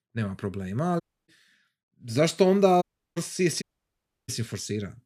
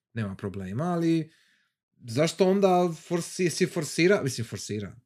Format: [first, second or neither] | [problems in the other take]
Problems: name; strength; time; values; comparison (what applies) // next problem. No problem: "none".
second | audio cutting out; at 1 s, at 3 s and at 3.5 s for 0.5 s